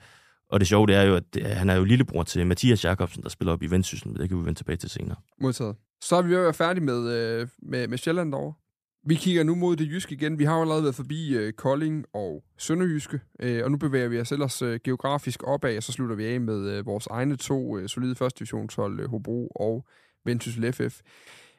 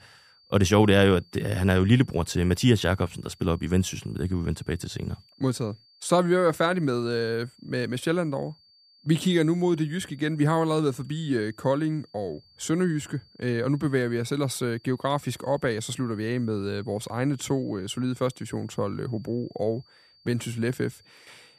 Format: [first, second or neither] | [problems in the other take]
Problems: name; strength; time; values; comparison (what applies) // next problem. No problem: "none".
first | high-pitched whine; faint; throughout; 4.5 kHz, 30 dB below the speech